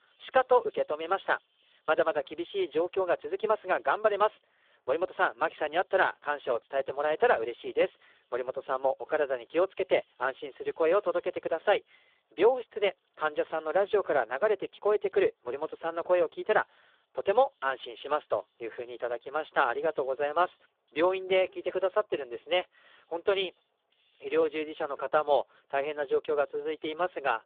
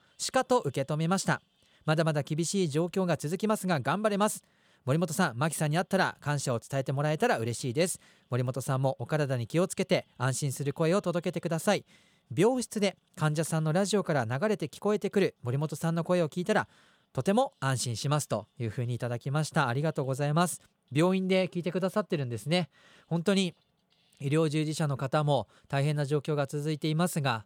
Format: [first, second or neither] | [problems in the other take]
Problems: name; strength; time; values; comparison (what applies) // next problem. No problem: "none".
second | phone-call audio; poor line